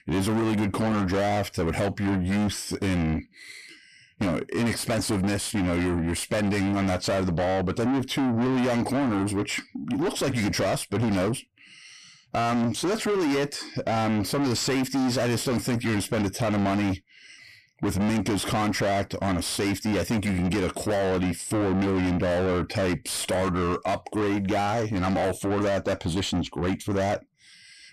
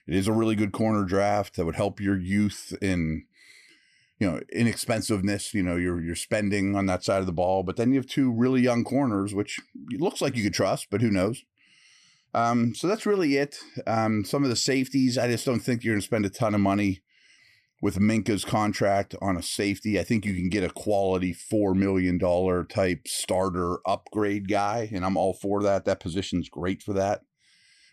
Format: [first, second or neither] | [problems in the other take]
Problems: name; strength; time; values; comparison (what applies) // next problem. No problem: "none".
second | distortion; heavy; 7 dB below the speech